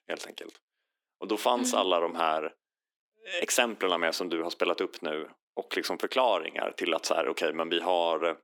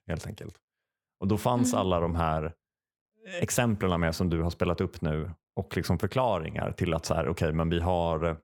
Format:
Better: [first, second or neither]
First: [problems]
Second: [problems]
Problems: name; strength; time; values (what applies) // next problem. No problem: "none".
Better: second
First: thin; somewhat; fading below 300 Hz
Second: none